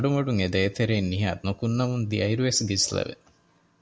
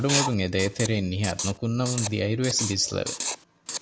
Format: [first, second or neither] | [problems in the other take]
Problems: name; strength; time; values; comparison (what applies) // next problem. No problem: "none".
first | background sound (Writing); 6 dB below the speech